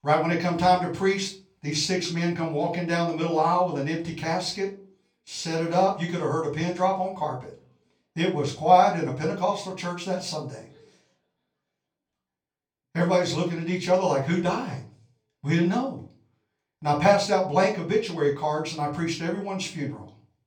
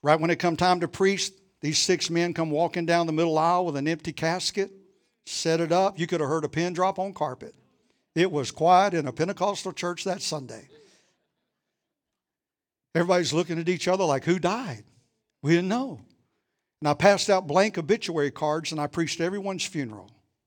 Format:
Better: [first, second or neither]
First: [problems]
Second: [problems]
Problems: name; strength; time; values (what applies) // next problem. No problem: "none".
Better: second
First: off-mic speech; far // room echo; slight; dies away in 0.3 s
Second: none